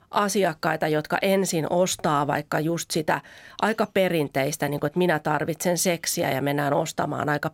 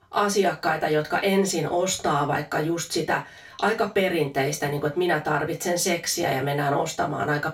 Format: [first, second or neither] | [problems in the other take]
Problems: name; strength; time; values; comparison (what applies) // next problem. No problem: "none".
first | room echo; very slight; dies away in 0.3 s // off-mic speech; far